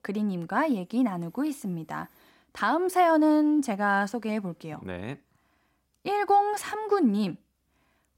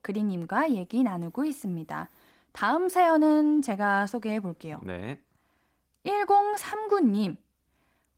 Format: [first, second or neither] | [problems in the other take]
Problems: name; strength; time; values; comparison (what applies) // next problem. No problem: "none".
first | garbled, watery; slightly; nothing above 16 kHz